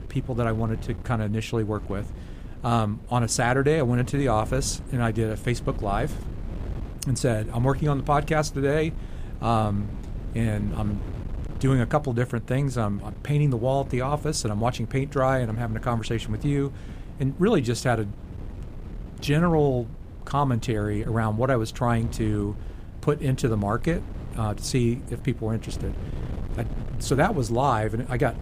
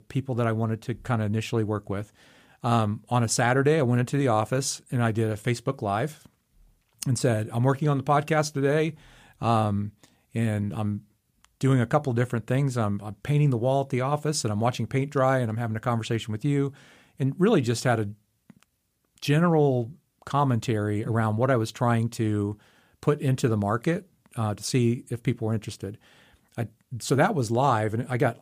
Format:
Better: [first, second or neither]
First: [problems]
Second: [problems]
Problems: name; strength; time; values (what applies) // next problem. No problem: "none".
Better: second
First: wind noise on the microphone; occasional gusts; 20 dB below the speech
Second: none